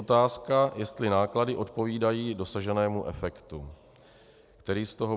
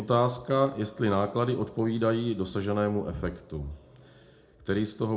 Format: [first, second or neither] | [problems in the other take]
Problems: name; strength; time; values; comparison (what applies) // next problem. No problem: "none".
first | room echo; dies away in 0.3 s